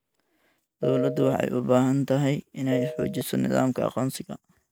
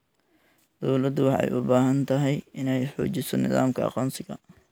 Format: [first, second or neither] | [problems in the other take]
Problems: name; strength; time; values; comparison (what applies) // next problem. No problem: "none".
second | noise reduction (neural mask model DeepFilterNet 3)